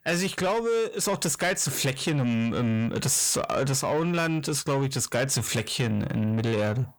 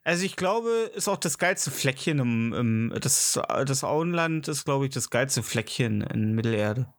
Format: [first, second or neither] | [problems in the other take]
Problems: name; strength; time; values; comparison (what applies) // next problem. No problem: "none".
second | distortion; slight; 10 dB below the speech